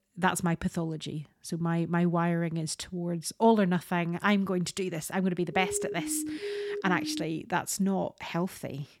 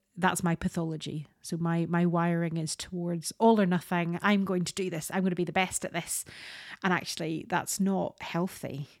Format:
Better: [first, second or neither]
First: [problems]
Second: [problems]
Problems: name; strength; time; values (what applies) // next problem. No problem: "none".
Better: second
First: siren; noticeable; from 5.5 to 7.5 s; peak 5 dB below the speech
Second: none